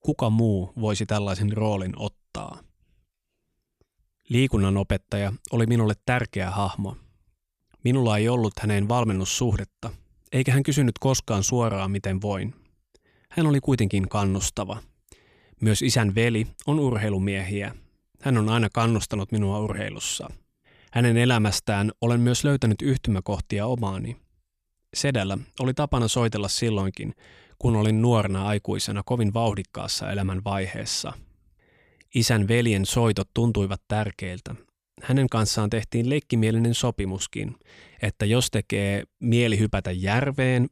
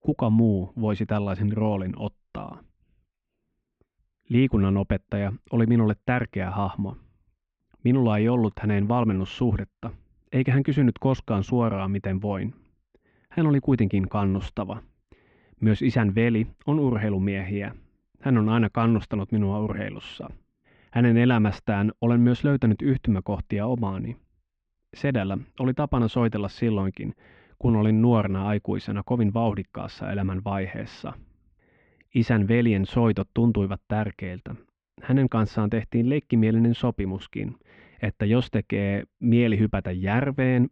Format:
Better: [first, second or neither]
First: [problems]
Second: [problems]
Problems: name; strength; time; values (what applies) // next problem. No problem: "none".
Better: first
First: none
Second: muffled; very; fading above 2.5 kHz